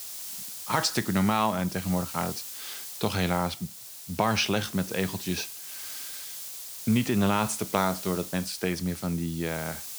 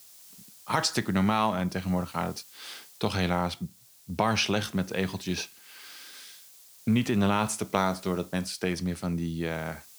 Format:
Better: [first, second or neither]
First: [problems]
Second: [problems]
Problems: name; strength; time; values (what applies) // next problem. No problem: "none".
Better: second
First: hiss; loud; throughout; 9 dB below the speech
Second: hiss; faint; throughout; 20 dB below the speech